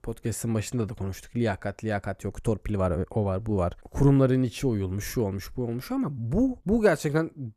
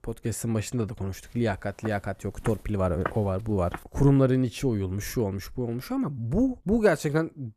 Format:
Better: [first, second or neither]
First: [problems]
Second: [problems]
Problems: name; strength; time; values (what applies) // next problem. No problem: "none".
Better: first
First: none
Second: footsteps; noticeable; from 1.5 to 4 s; peak 8 dB below the speech